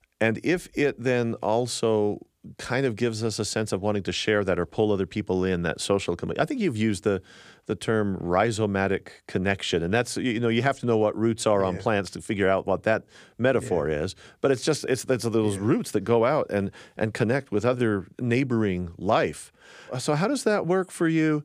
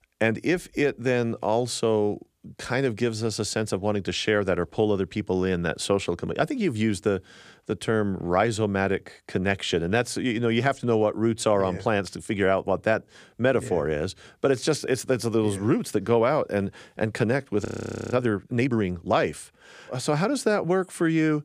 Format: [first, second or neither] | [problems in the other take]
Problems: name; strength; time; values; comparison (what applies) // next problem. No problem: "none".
first | audio freezing; at 18 s